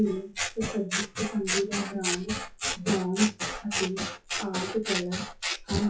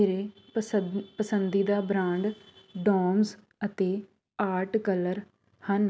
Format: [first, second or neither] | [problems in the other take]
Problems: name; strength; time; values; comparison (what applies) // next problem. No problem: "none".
second | noise reduction (classical method WPE with log-MMSE)